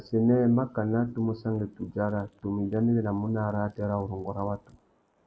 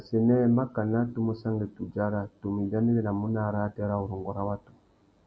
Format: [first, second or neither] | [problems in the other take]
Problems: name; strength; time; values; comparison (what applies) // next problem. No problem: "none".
second | noise reduction (neural mask model Resemble Enhance denoiser)